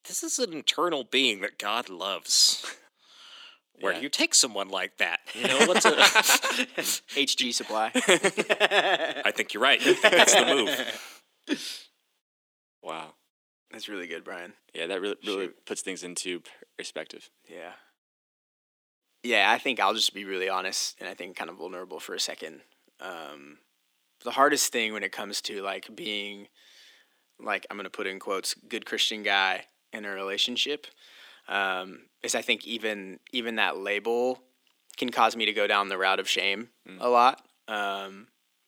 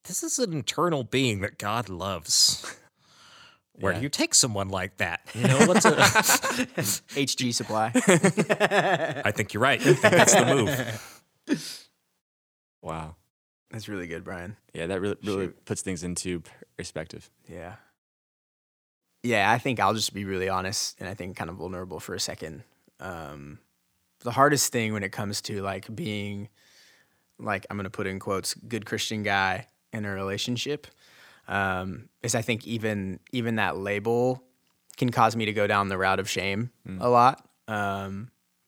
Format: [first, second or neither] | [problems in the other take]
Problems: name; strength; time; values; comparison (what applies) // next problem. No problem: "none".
second | thin; somewhat; fading below 250 Hz